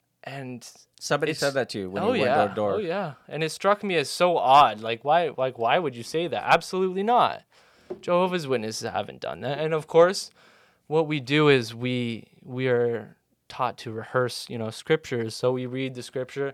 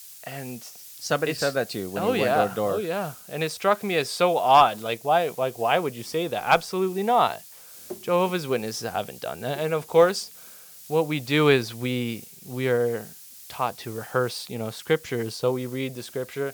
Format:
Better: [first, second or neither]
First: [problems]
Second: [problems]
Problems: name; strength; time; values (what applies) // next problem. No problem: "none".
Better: first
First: none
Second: hiss; noticeable; throughout; 20 dB below the speech